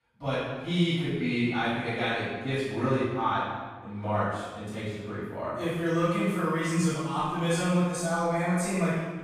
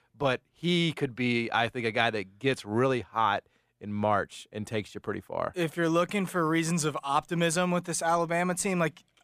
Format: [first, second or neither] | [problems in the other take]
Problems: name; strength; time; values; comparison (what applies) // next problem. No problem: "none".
second | off-mic speech; far // room echo; strong; dies away in 1.3 s